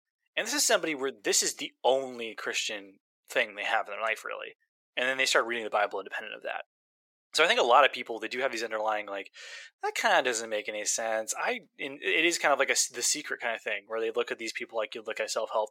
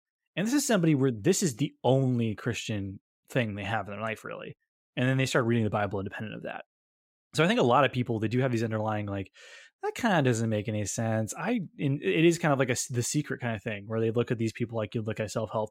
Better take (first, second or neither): second